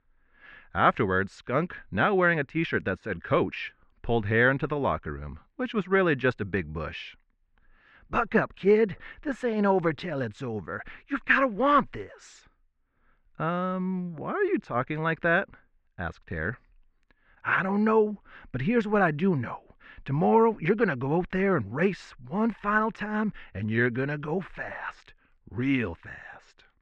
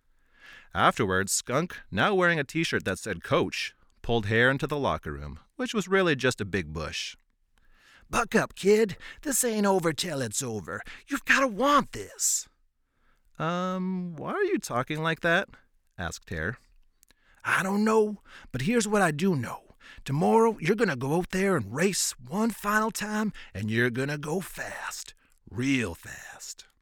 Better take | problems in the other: second | muffled; very; fading above 2.5 kHz

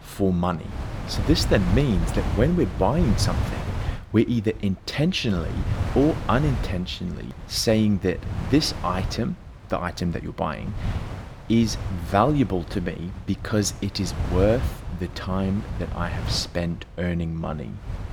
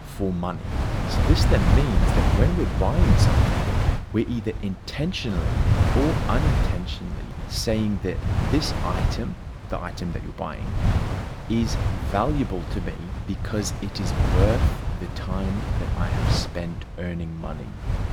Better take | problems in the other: first | wind noise on the microphone; heavy; 1 dB below the speech; occasional gusts in the first

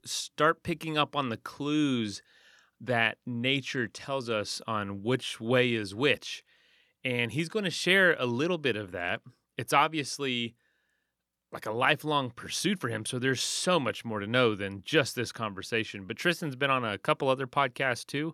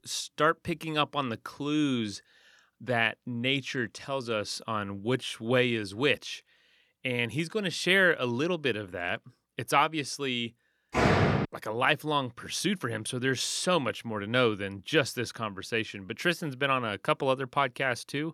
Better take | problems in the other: first | door banging; loud; at 11 s; peak 6 dB above the speech

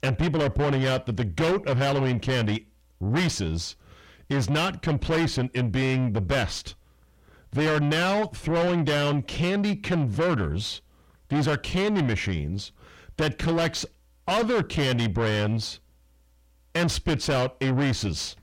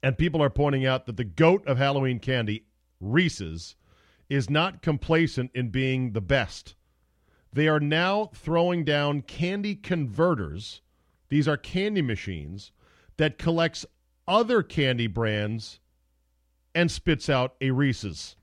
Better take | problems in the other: second | distortion; heavy; 5 dB below the speech

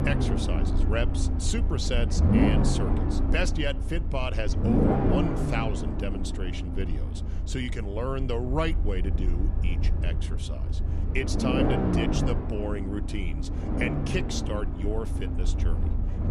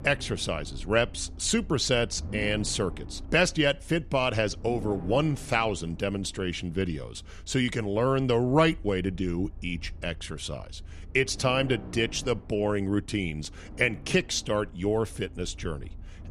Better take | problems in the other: second | low rumble; loud; throughout; 1 dB below the speech; faint in the second

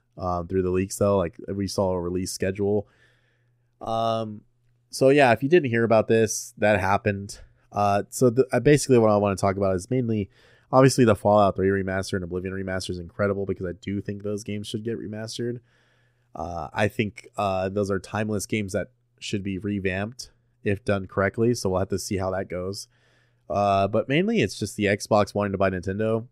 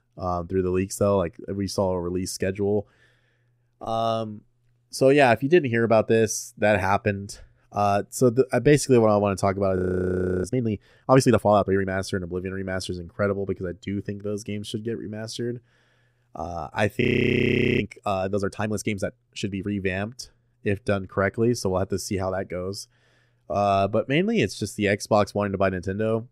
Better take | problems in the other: first | audio freezing; at 10 s for 0.5 s and at 17 s for 1 s

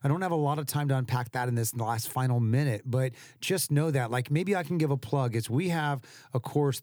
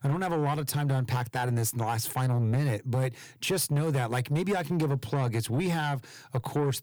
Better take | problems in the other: first | distortion; slight; 10 dB below the speech

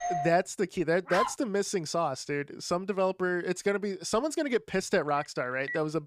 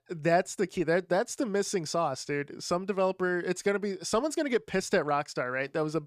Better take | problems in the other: second | doorbell; noticeable; at the start; peak 3 dB below the speech // dog barking; noticeable; at 1 s; peak 2 dB below the speech // phone ringing; noticeable; at 5 s; peak 9 dB below the speech

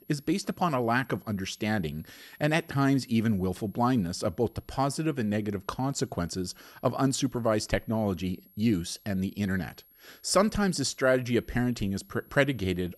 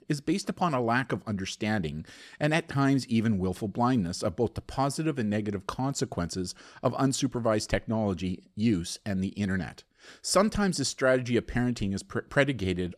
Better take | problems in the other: second | high-pitched whine; faint; throughout; 11.5 kHz, 30 dB below the speech

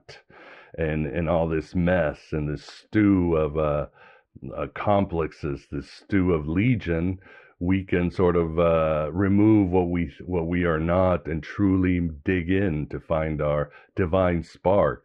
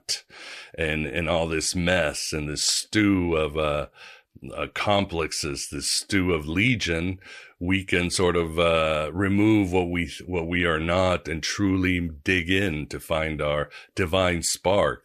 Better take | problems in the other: second | muffled; very; fading above 1.5 kHz

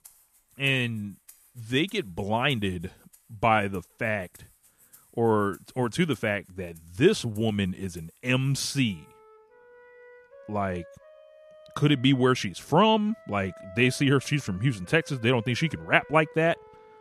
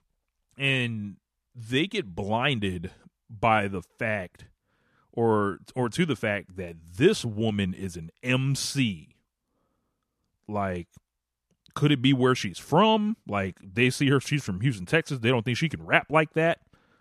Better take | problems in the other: second | background music; faint; throughout; 25 dB below the speech

